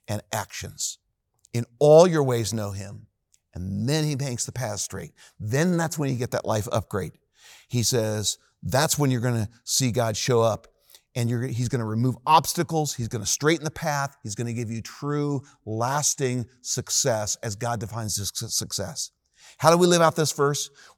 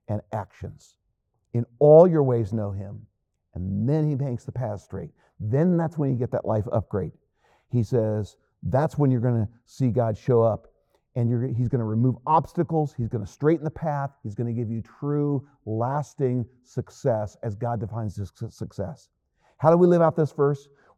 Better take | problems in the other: first | muffled; very; fading above 2 kHz

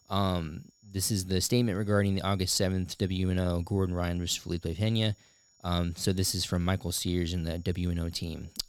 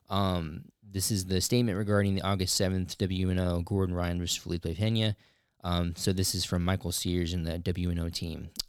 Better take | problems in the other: second | high-pitched whine; faint; throughout; 7 kHz, 35 dB below the speech

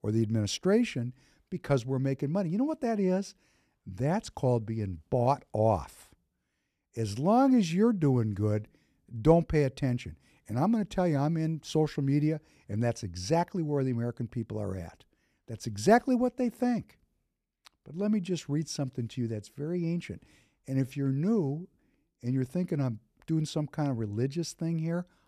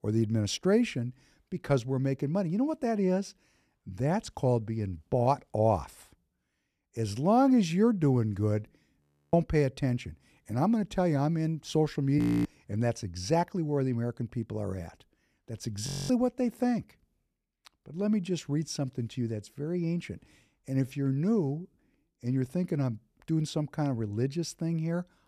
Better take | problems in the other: first | audio freezing; at 9 s, at 12 s and at 16 s

